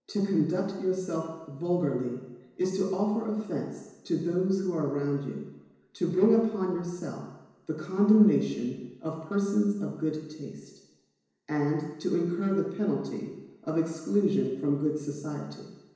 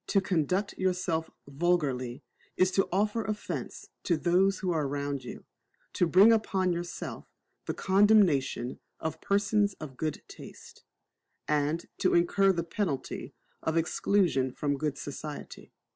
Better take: second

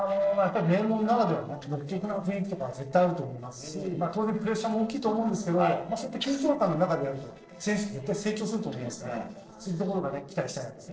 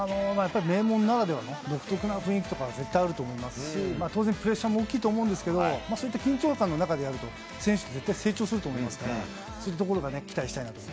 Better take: second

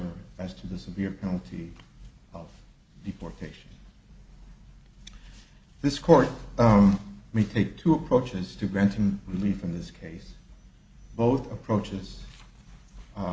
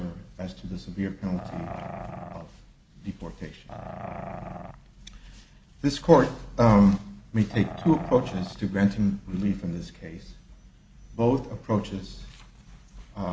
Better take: first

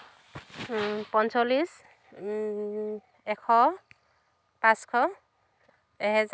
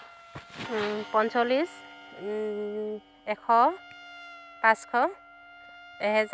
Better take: first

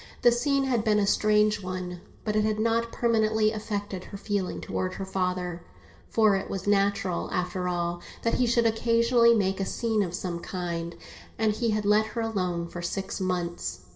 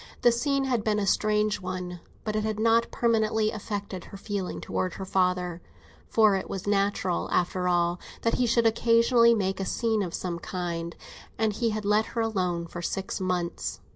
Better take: second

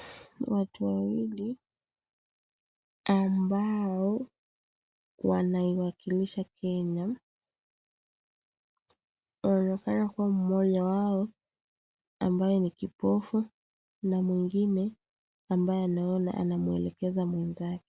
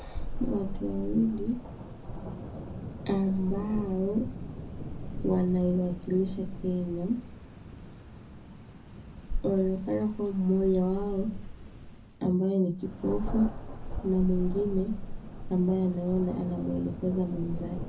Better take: first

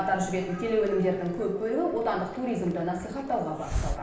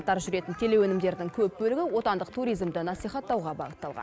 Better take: second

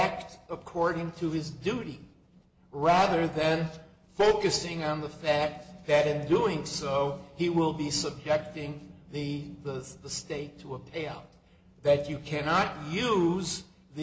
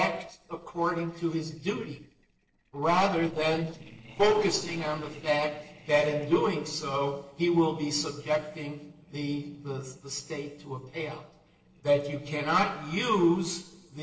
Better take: first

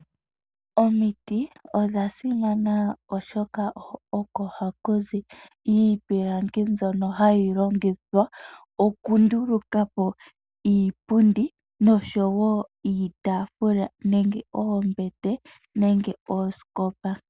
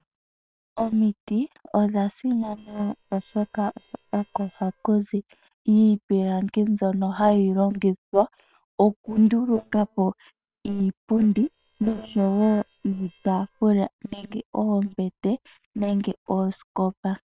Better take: first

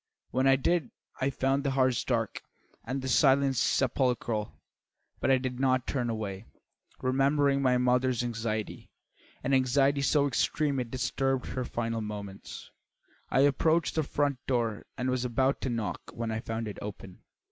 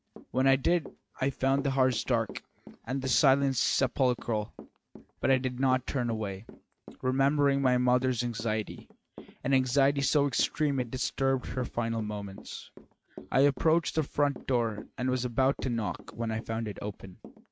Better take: first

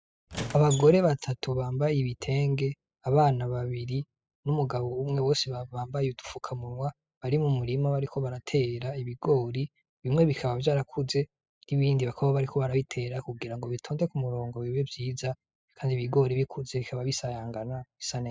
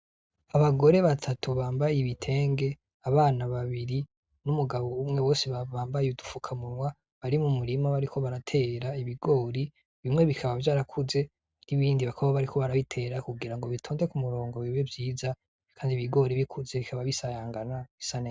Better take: second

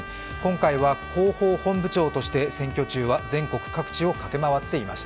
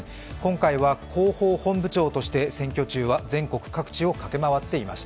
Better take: second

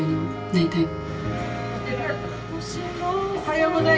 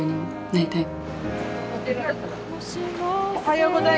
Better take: second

